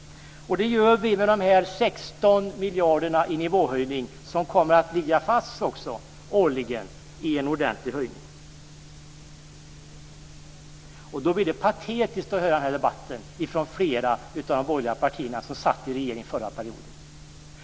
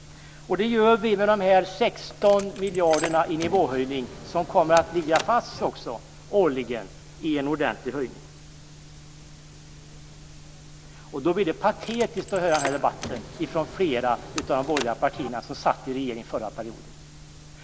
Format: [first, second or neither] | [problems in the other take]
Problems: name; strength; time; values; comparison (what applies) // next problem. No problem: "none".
first | background sound (Car); 11 dB below the speech